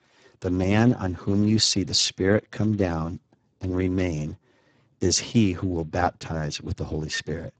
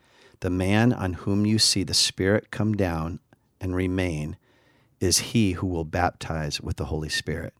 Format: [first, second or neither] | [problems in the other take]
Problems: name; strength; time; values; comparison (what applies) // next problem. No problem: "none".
second | garbled, watery; badly; nothing above 7.5 kHz